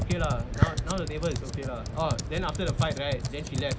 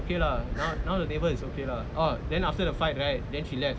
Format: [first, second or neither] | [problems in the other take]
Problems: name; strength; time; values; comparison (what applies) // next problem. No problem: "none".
second | background sound (Computer keyboard); as loud as the speech